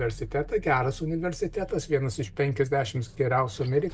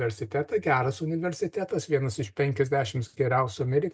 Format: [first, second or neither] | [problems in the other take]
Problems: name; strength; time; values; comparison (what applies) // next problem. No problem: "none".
second | background sound (Vehicle); 17 dB below the speech